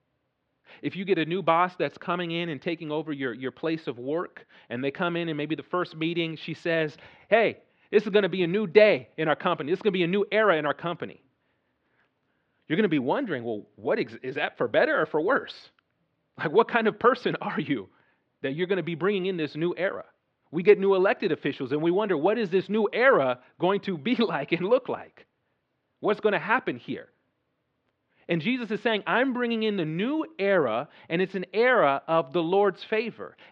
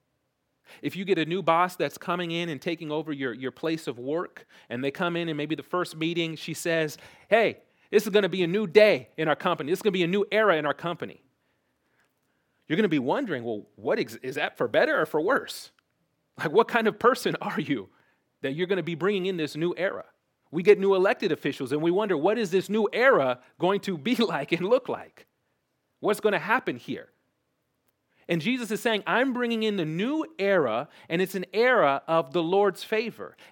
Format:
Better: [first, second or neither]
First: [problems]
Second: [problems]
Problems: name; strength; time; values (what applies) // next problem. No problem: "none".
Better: second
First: muffled; very slightly; fading above 4 kHz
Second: none